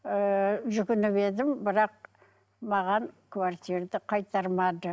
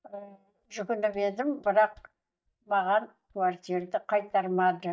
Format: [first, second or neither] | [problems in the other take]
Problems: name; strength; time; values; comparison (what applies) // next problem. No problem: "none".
first | noise reduction (neural mask model DeepFilterNet 3)